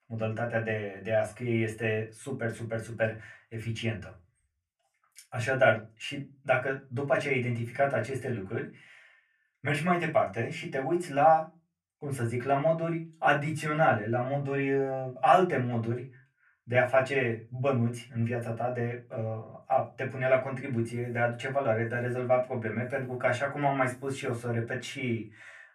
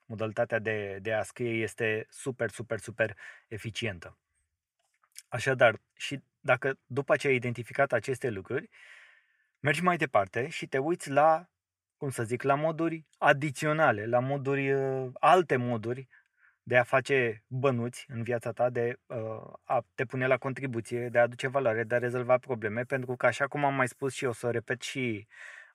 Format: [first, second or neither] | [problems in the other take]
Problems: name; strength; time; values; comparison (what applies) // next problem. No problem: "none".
second | off-mic speech; far // room echo; very slight; dies away in 0.2 s